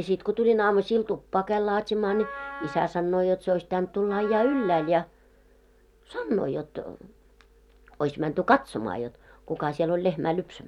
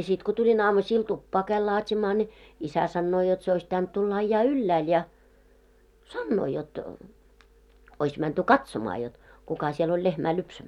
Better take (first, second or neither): second